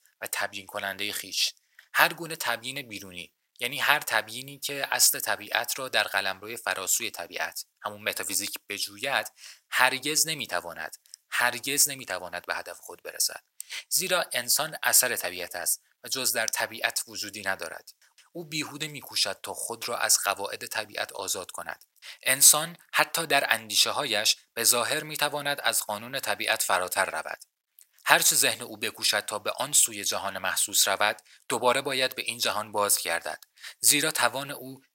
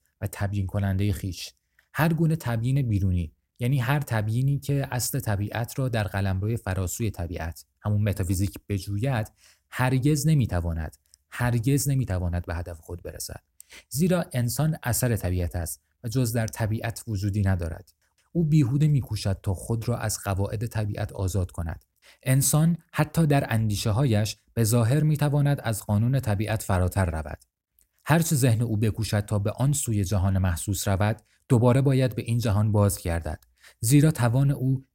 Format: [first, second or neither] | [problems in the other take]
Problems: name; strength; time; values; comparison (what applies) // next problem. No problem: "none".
second | thin; very; fading below 900 Hz